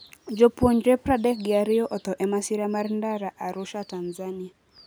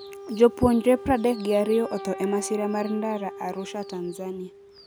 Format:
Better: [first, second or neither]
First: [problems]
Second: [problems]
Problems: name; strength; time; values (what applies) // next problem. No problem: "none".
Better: first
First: none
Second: background sound (Wind instrument, woodwind instrument); 14 dB below the speech